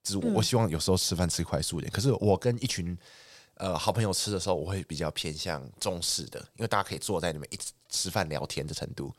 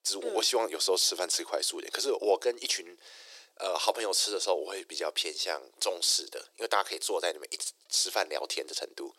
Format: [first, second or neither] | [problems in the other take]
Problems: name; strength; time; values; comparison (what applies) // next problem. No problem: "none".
first | thin; very; fading below 350 Hz